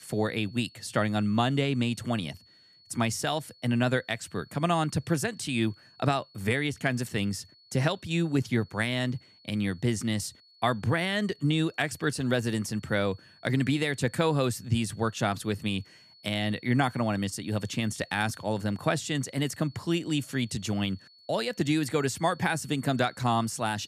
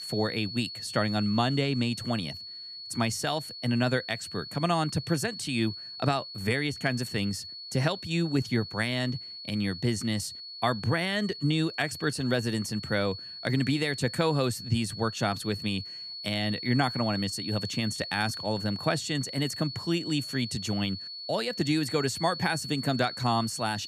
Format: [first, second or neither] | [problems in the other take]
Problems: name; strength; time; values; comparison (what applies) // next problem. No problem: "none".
first | high-pitched whine; loud; throughout; 4.5 kHz, 8 dB below the speech; faint in the first